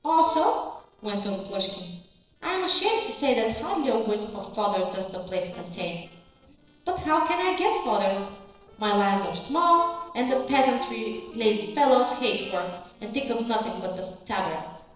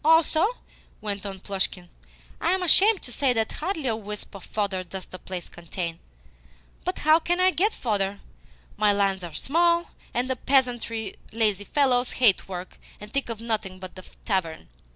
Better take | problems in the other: second | noise reduction (neural separator model SepFormer DNS4)

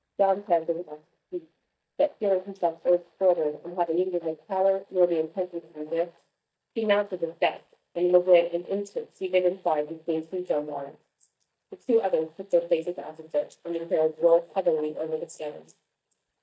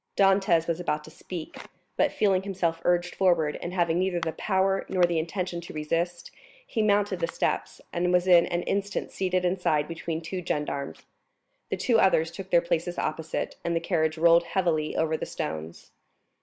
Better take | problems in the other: second | noise reduction (neural mask model DeepFilterNet 3)

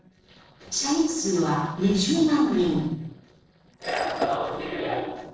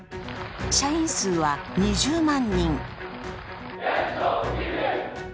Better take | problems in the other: second | noise reduction (neural separator model SepFormer DNS4)

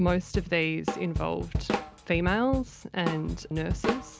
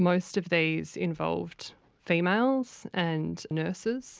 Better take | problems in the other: second | background sound (Drum kit); 4 dB below the speech

